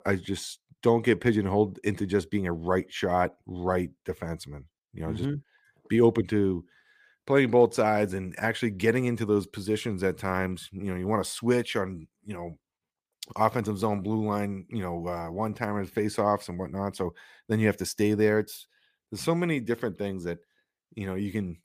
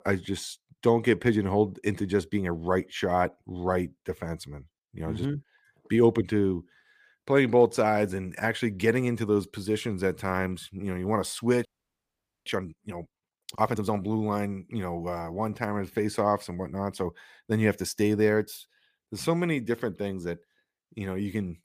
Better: first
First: none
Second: audio freezing; at 12 s for 1 s

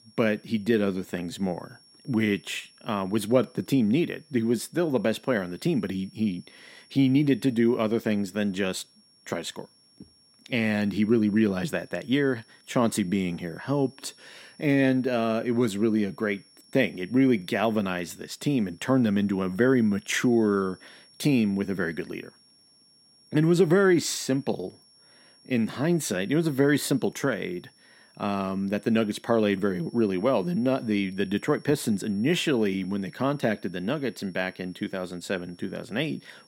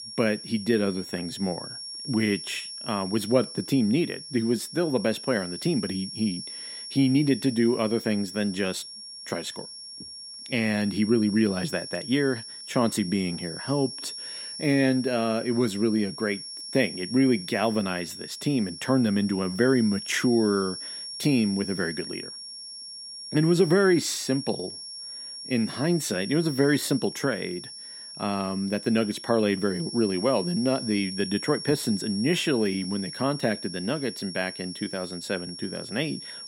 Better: first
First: high-pitched whine; faint; throughout; 5.5 kHz, 30 dB below the speech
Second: high-pitched whine; loud; throughout; 5.5 kHz, 10 dB below the speech

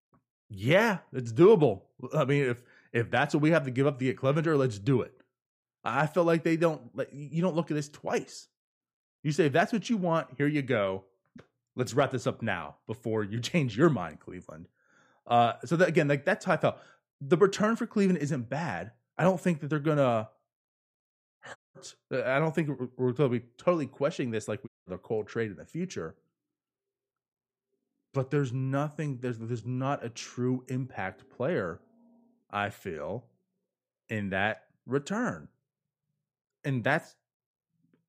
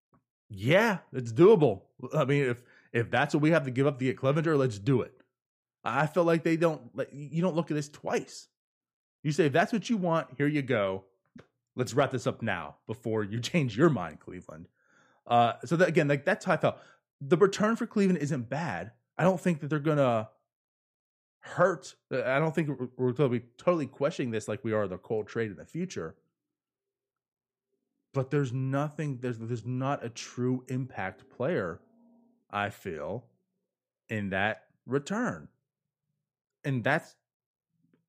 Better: second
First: audio cutting out; at 22 s and at 25 s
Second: none

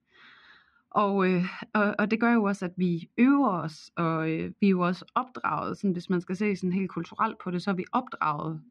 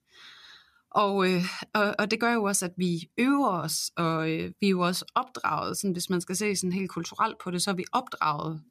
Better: second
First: muffled; slightly; fading above 2 kHz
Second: none

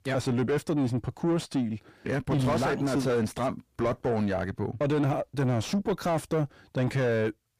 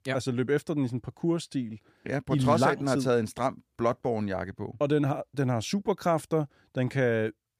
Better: second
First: distortion; heavy; 7 dB below the speech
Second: none

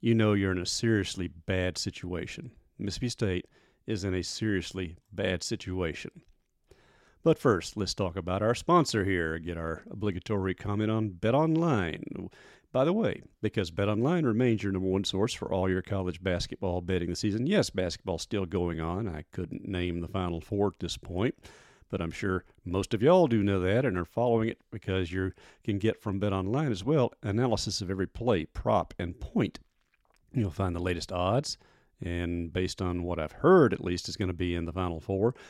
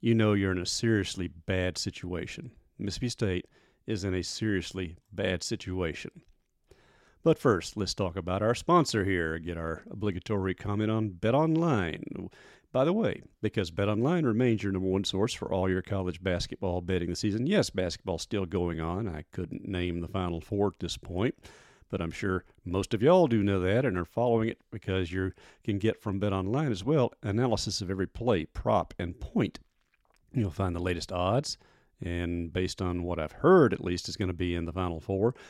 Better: neither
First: none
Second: none

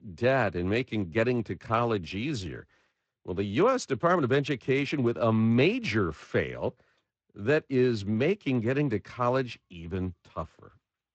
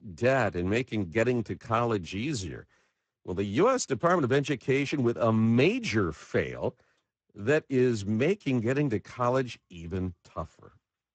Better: first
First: garbled, watery; slightly; nothing above 7.5 kHz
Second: garbled, watery; badly; nothing above 7.5 kHz

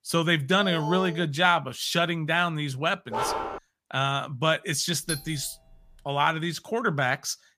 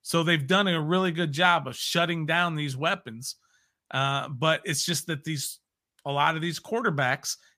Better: second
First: alarm; noticeable; at 0.5 s; peak 8 dB below the speech // dog barking; noticeable; at 3 s; peak 3 dB below the speech // doorbell; noticeable; at 5 s; peak 8 dB below the speech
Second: none

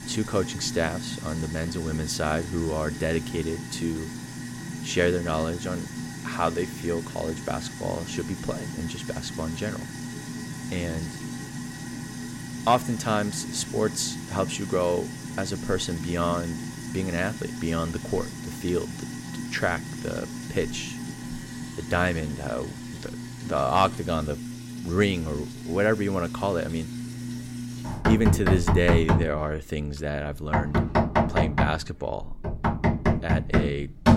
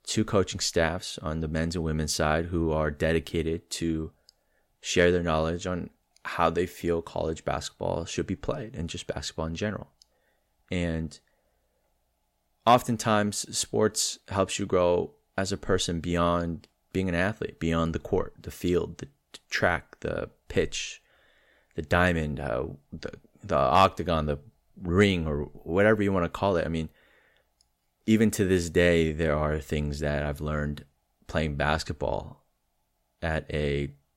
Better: second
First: household noises; loud; throughout; 3 dB below the speech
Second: none

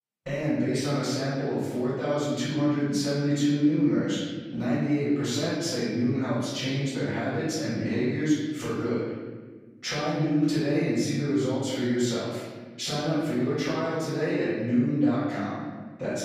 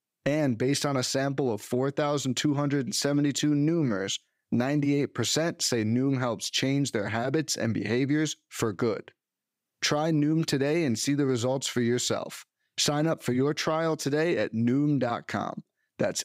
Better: second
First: off-mic speech; far // room echo; strong; dies away in 1.4 s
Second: none

